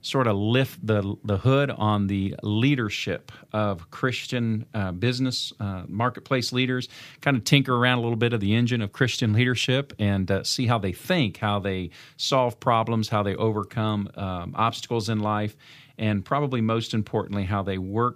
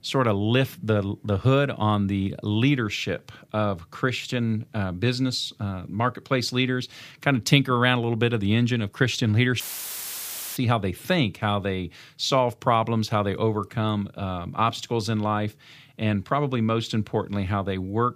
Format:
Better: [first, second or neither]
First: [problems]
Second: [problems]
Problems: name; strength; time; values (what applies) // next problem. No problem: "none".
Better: first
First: none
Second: audio cutting out; filled with static; at 9.5 s for 1 s